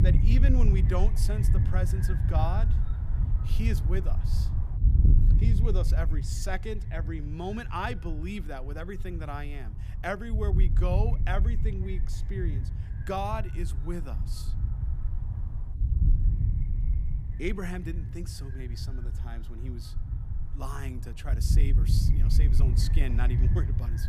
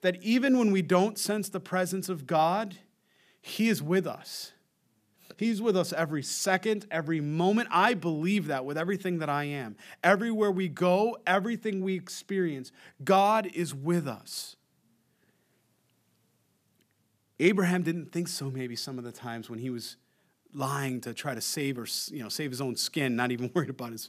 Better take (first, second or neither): second